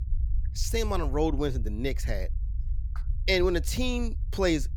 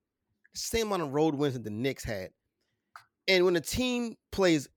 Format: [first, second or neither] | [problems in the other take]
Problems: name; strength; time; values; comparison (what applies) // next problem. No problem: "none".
second | low rumble; faint; throughout; 25 dB below the speech